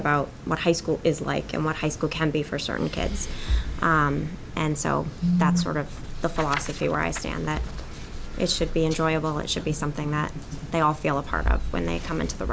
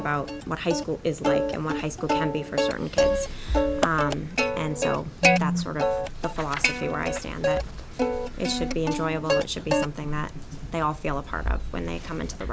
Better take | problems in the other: first | background sound (Plucked string instrument); 1 dB above the speech

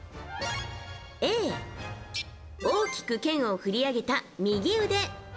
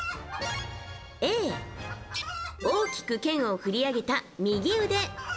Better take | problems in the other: first | background sound (Chicken, rooster); 13 dB below the speech

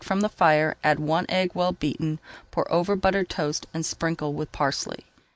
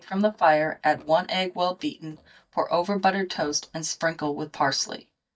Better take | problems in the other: first | noise reduction (neural mask model DeepFilterNet 3)

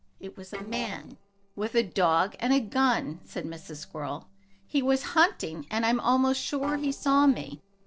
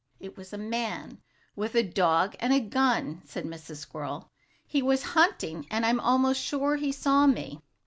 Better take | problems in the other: second | noise reduction (neural separator model SepFormer DNS4)

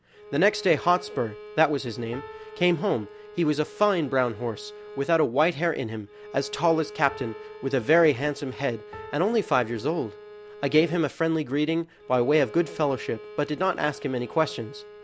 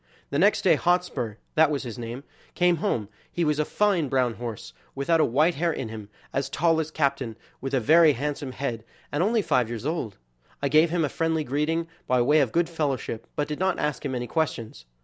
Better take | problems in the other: second | background sound (Bowed string instrument + Piano); 17 dB below the speech

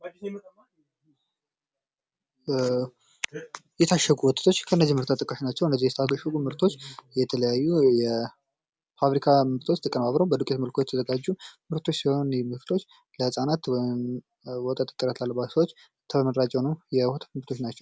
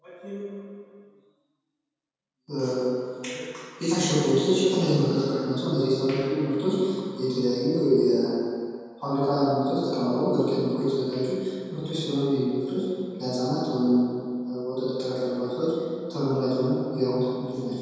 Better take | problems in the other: first | room echo; dies away in 2 s

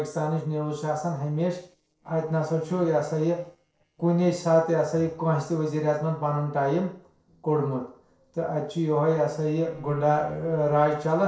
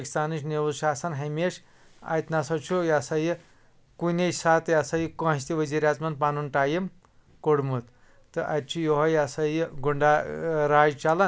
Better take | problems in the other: second | noise reduction (neural separator model SepFormer DNS4)

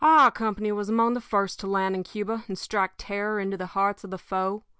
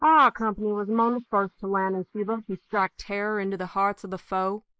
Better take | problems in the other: first | noise reduction (neural mask model Resemble Enhance denoiser)

